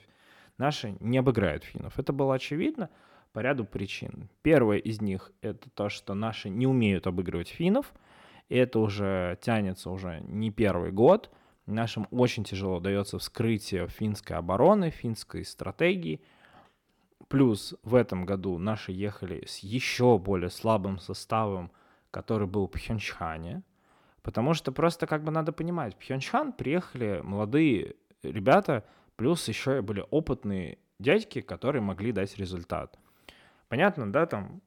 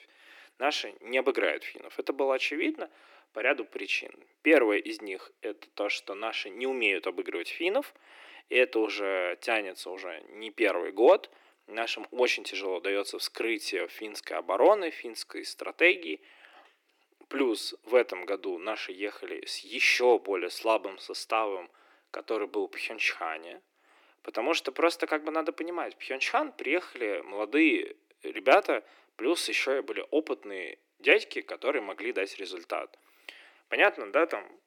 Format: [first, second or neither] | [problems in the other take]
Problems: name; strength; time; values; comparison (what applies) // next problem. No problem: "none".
first | thin; very; fading below 300 Hz